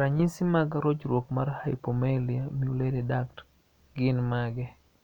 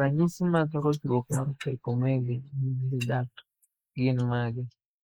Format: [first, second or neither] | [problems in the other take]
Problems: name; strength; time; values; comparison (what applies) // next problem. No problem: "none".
first | noise reduction (neural mask model Resemble Enhance denoiser)